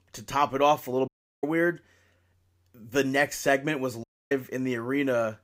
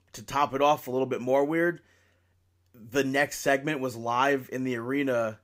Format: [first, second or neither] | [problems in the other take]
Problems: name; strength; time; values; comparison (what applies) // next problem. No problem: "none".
second | audio cutting out; at 1 s and at 4 s